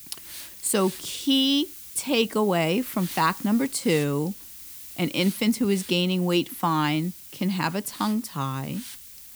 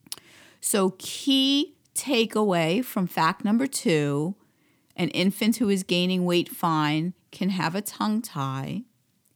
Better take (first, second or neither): second